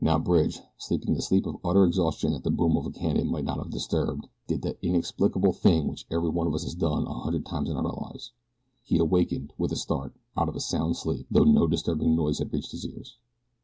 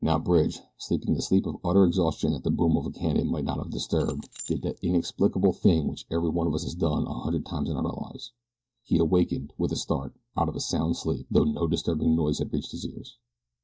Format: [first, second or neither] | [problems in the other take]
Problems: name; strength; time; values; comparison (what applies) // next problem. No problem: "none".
first | noise reduction (neural mask model DeepFilterNet 3)